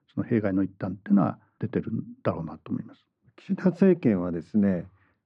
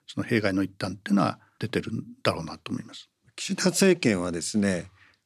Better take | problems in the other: second | muffled; very; fading above 1 kHz

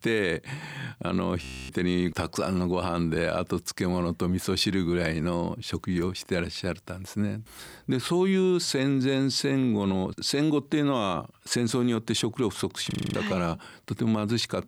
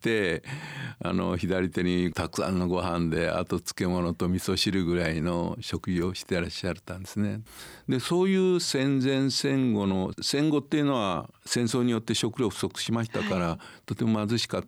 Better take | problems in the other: second | audio freezing; at 1.5 s and at 13 s

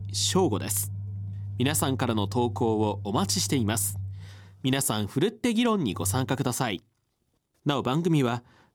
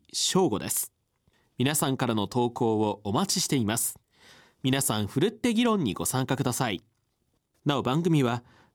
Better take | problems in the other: second | low rumble; faint; until 6.5 s; 20 dB below the speech

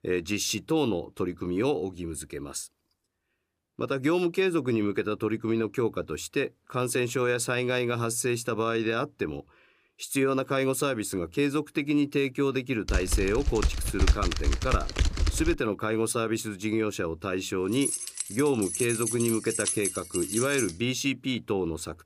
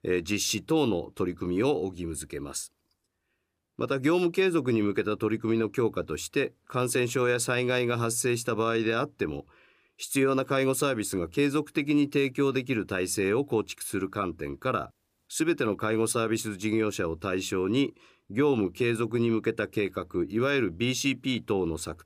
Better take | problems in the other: second | keyboard typing; loud; from 13 to 16 s; peak 2 dB above the speech // jangling keys; loud; from 18 to 21 s; peak 1 dB above the speech

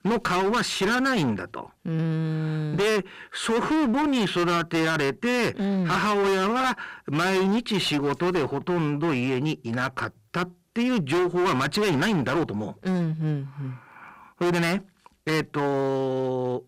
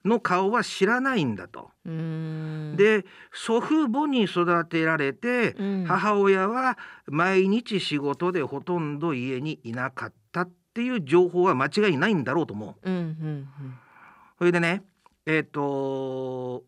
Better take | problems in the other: second | distortion; heavy; 26% of the sound clipped

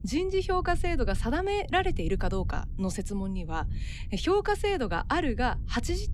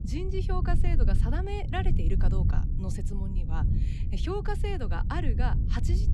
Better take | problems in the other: first | low rumble; loud; throughout; 7 dB below the speech; faint in the first

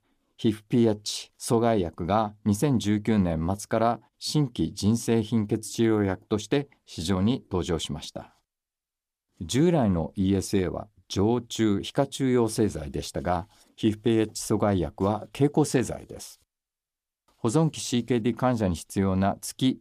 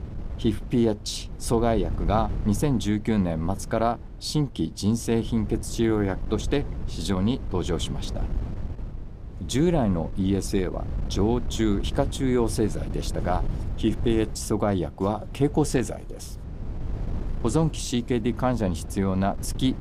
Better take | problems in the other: first | wind noise on the microphone; occasional gusts; 15 dB below the speech

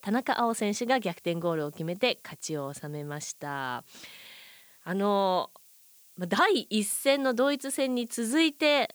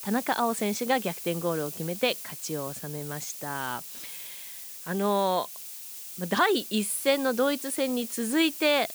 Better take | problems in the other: first | hiss; loud; throughout; 9 dB below the speech; faint in the first

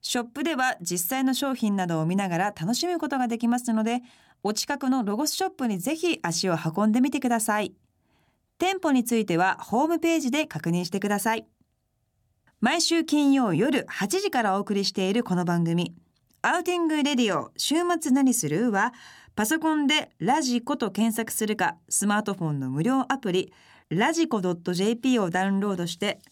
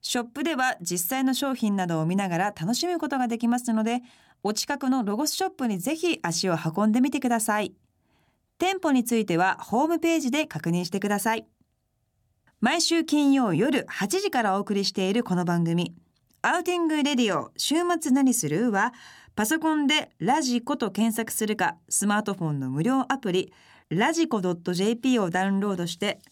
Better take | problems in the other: neither | none

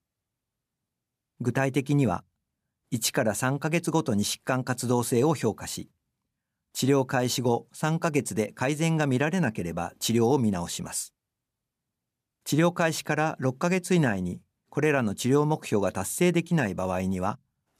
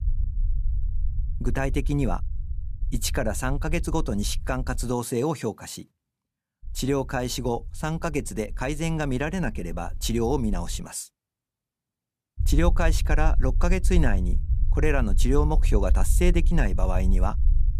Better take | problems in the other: first | low rumble; noticeable; until 5 s, from 6.5 to 11 s and from 12 s on; 20 dB below the speech

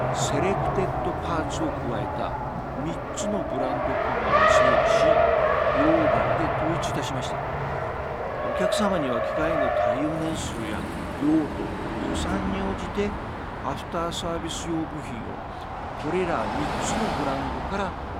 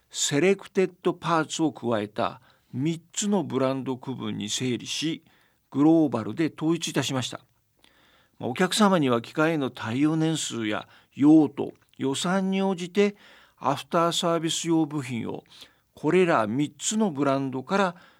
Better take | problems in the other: second | traffic noise; very loud; throughout; 5 dB above the speech

